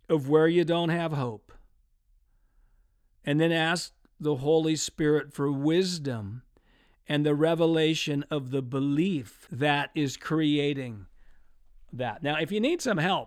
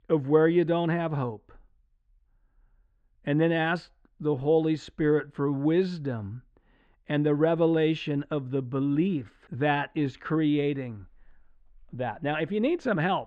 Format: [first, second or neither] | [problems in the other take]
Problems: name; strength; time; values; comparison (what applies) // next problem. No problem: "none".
first | muffled; very; fading above 2 kHz